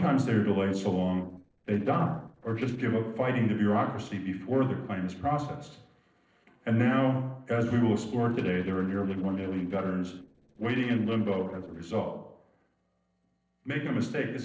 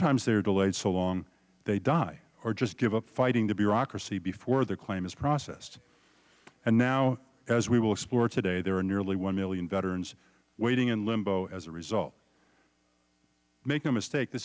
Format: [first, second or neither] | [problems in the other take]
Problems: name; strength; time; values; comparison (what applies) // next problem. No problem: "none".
second | noise reduction (neural separator model SepFormer DNS4)